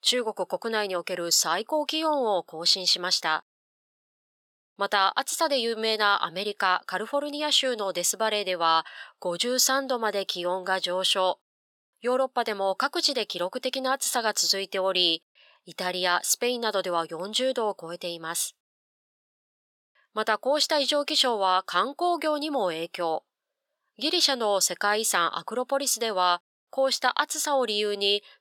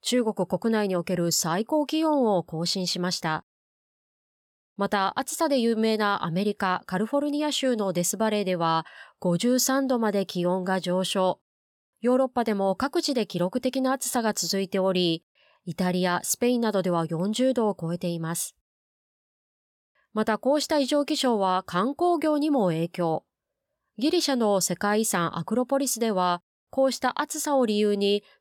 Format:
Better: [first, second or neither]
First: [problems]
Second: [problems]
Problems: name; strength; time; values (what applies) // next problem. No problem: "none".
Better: second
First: thin; somewhat; fading below 450 Hz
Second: none